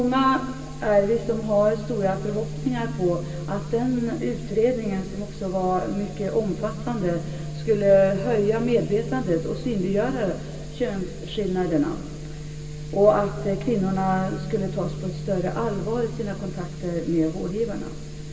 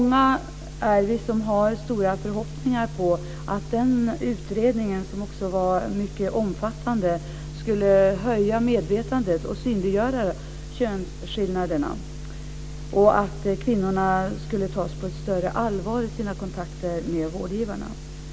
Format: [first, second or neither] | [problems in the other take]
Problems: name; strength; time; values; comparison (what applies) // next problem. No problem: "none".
second | room echo; dies away in 2.7 s